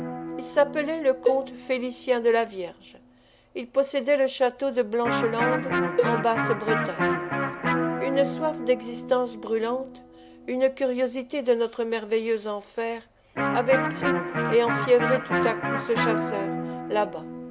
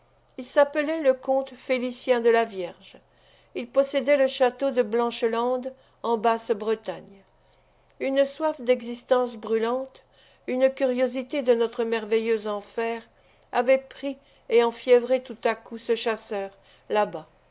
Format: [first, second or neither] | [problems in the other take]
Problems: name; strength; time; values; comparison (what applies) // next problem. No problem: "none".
second | background sound (Electric guitar + Cowbell); 3 dB below the speech